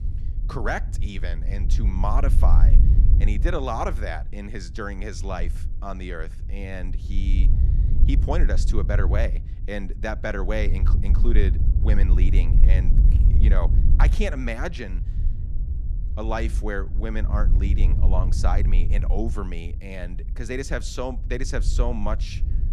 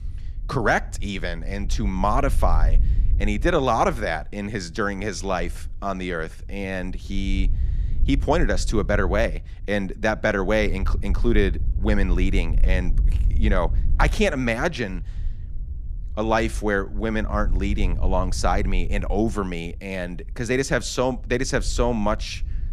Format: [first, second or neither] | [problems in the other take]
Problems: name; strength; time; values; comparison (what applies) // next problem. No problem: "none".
second | low rumble; loud; throughout; 10 dB below the speech; faint in the second